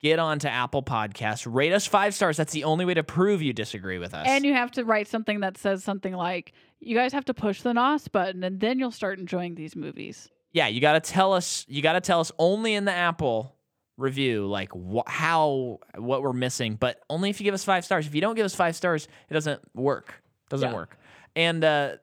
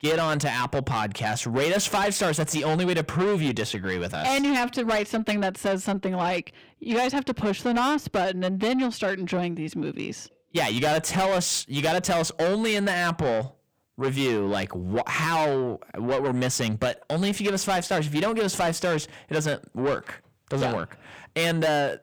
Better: first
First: none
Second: distortion; heavy; 7 dB below the speech

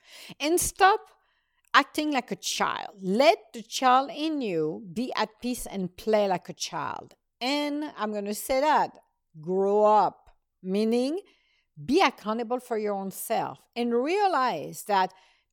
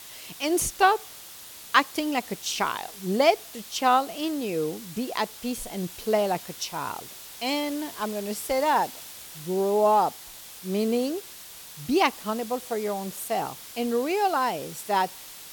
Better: first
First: none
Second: hiss; noticeable; throughout; 15 dB below the speech

